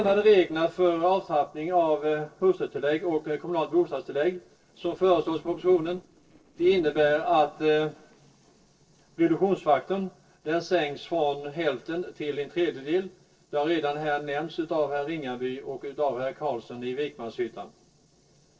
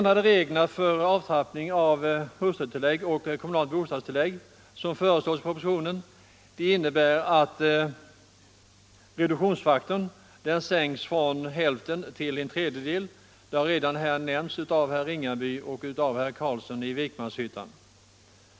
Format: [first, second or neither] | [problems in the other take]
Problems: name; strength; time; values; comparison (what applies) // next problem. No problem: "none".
second | noise reduction (neural separator model SepFormer DNS4)